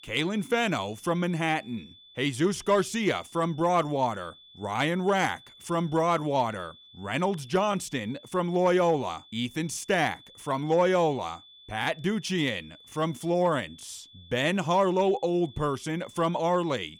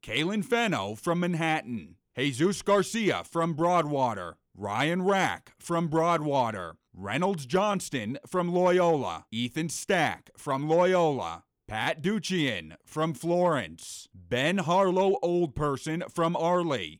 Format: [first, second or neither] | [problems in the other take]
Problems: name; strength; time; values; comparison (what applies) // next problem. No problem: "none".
second | high-pitched whine; faint; throughout; 3.5 kHz, 25 dB below the speech